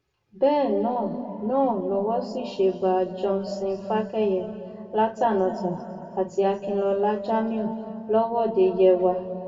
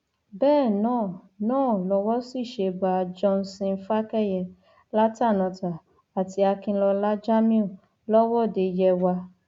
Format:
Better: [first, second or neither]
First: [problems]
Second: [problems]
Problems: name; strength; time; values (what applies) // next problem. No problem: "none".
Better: second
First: room echo; dies away in 2.3 s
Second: none